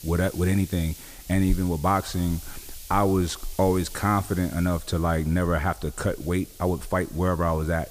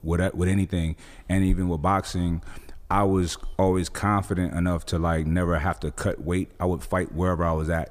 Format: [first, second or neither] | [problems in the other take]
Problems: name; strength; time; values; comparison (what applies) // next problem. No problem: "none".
second | hiss; noticeable; throughout; 15 dB below the speech